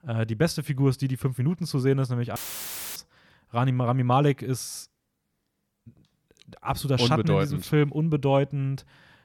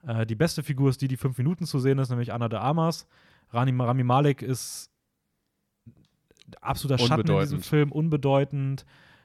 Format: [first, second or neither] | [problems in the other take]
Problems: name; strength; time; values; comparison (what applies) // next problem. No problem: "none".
second | audio cutting out; filled with static; at 2.5 s for 0.5 s